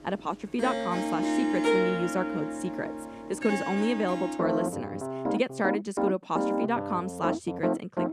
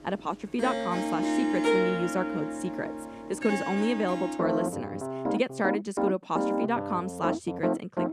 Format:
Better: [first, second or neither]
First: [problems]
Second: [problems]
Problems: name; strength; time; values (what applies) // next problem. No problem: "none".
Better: neither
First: background music; very loud; throughout; 1 dB above the speech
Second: background music; very loud; throughout; 1 dB above the speech